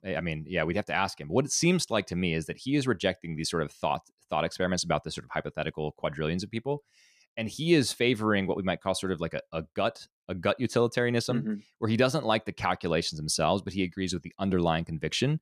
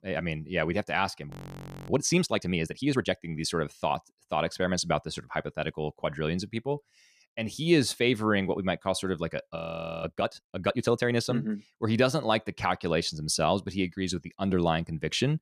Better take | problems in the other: first | audio freezing; at 1.5 s for 0.5 s and at 9.5 s

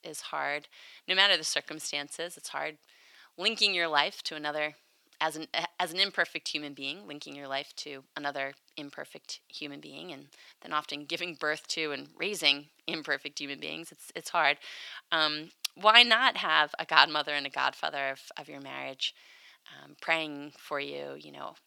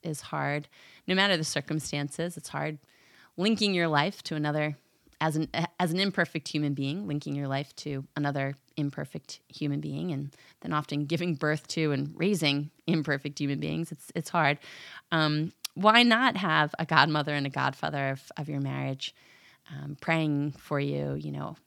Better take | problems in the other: second | thin; very; fading below 550 Hz

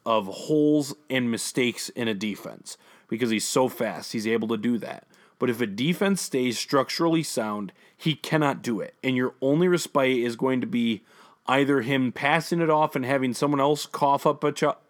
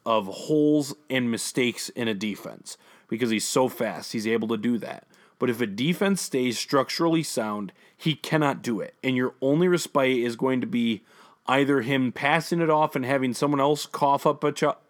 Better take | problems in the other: neither | none

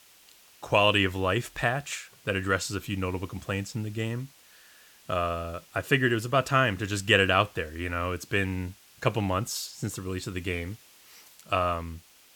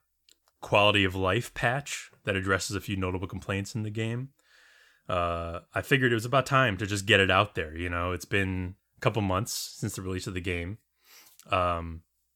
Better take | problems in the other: second | hiss; faint; throughout; 25 dB below the speech

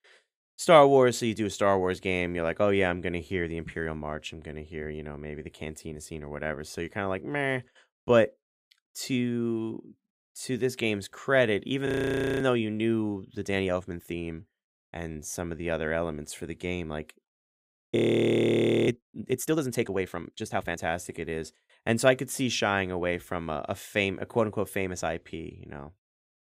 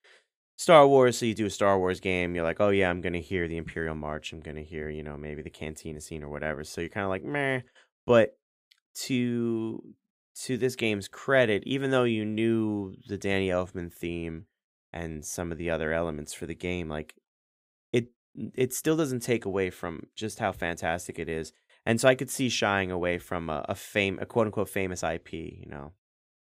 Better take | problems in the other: second | audio freezing; at 12 s for 0.5 s and at 18 s for 1 s

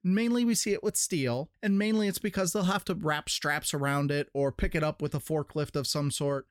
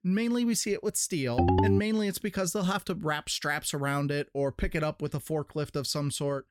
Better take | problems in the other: first | phone ringing; loud; at 1.5 s; peak 5 dB above the speech

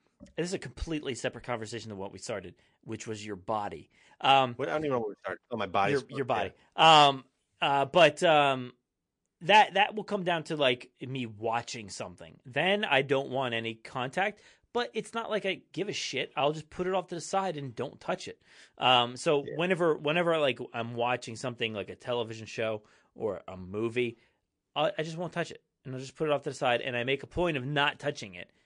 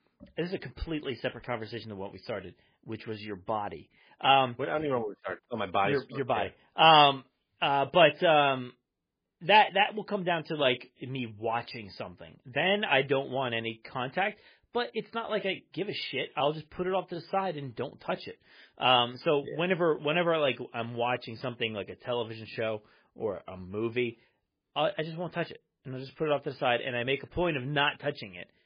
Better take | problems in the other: first | garbled, watery; badly; nothing above 5 kHz; slightly in the first

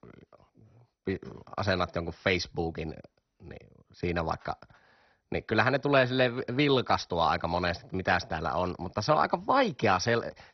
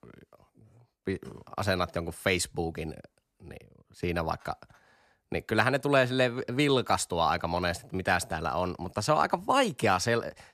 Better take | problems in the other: second | garbled, watery; badly; nothing above 6 kHz

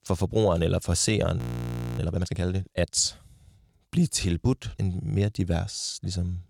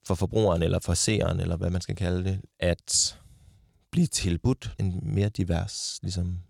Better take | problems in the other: second | audio freezing; at 1.5 s for 0.5 s

